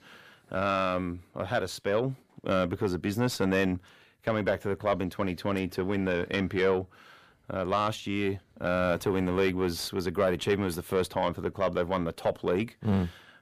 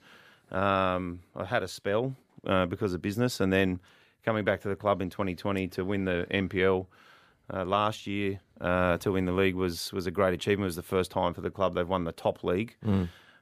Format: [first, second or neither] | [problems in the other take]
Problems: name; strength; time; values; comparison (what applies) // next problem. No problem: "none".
second | distortion; slight; 10 dB below the speech